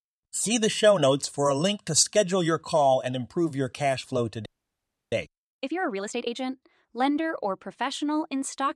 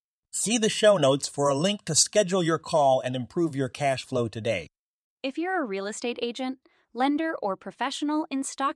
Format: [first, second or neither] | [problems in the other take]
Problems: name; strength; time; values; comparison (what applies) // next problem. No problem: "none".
second | audio freezing; at 4.5 s for 0.5 s